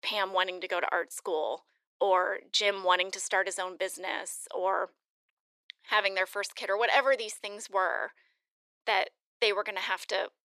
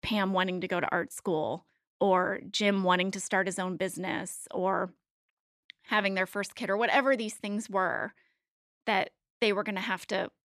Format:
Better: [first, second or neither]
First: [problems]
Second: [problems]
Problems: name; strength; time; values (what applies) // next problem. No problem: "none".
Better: second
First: thin; very; fading below 450 Hz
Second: none